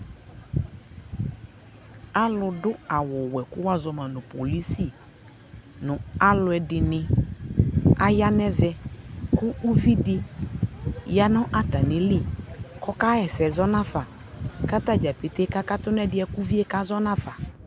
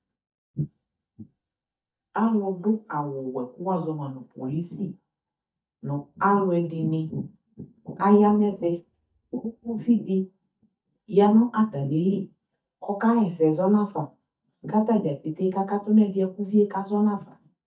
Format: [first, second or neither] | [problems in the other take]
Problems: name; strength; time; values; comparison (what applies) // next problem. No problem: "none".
first | noise reduction (neural mask model DeepFilterNet 3)